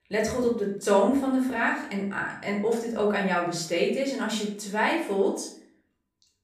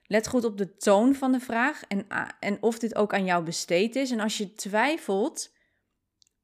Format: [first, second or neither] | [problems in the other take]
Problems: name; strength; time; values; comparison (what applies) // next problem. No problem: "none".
second | off-mic speech; far // room echo; noticeable; dies away in 0.5 s